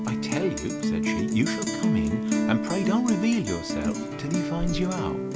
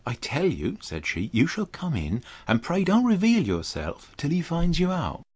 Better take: second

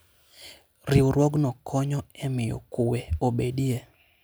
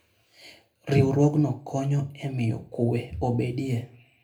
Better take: first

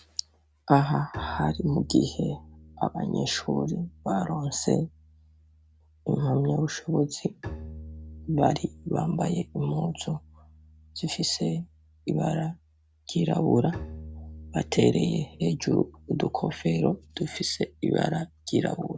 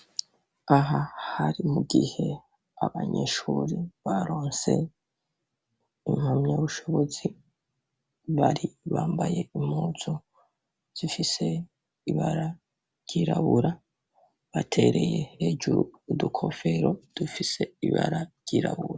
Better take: second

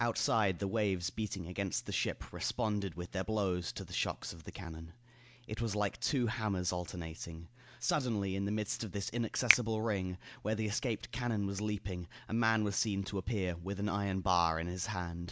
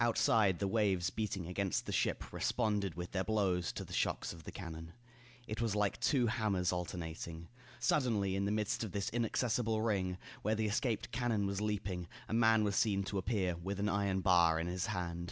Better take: second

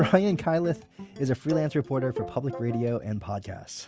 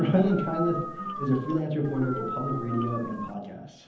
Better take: first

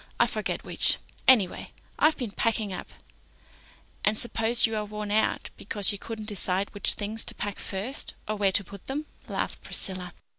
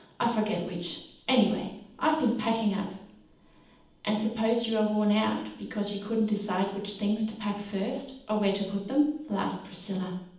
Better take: first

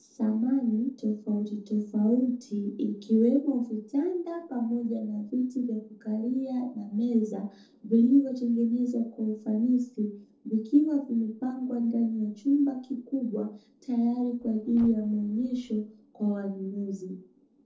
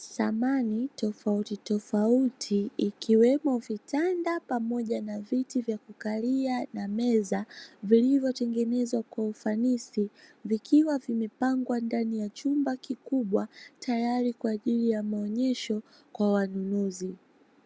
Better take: second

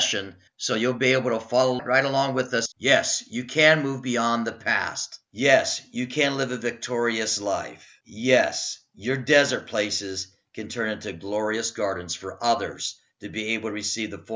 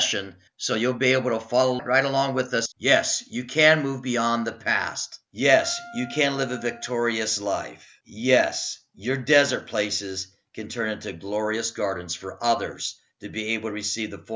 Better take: first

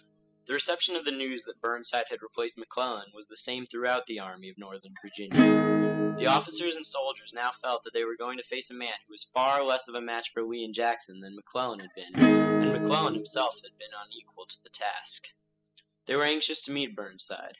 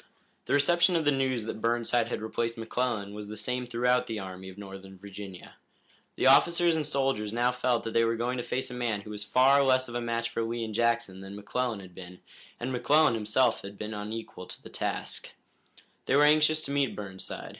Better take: second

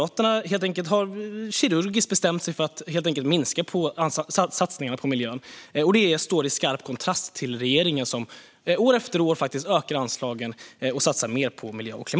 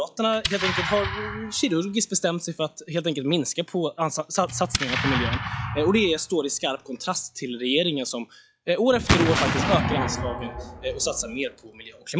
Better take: first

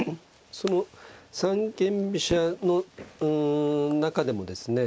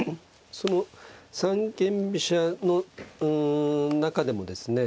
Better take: second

